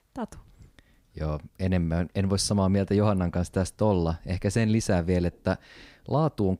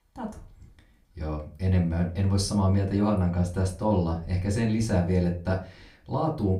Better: first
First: none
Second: off-mic speech; far // room echo; very slight; dies away in 0.3 s

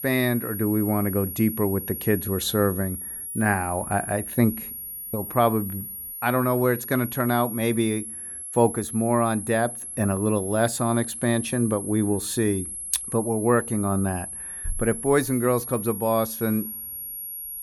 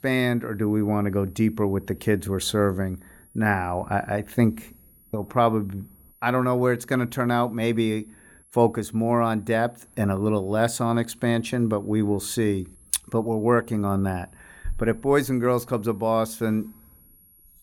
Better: second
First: high-pitched whine; loud; throughout; 11.5 kHz, 8 dB below the speech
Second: high-pitched whine; faint; throughout; 11.5 kHz, 30 dB below the speech

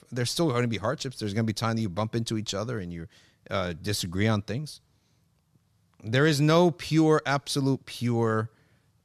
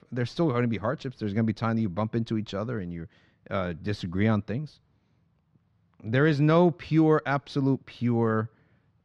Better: first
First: none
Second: muffled; slightly; fading above 2.5 kHz

